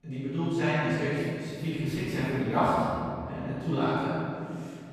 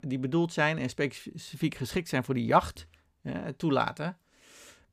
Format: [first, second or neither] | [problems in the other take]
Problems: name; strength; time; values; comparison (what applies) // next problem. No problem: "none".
second | room echo; strong; dies away in 2.4 s // off-mic speech; far